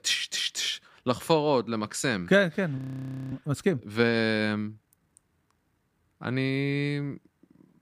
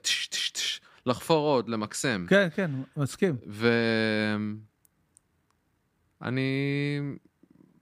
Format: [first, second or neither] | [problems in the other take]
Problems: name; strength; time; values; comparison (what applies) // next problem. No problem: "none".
second | audio freezing; at 3 s for 0.5 s